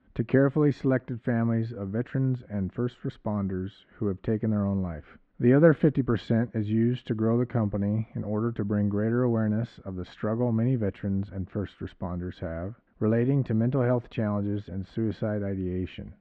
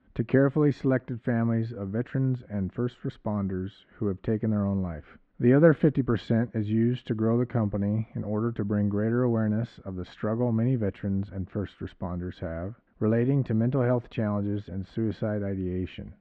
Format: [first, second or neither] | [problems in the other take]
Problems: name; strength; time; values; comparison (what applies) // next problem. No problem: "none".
neither | muffled; very; fading above 2.5 kHz; the same in both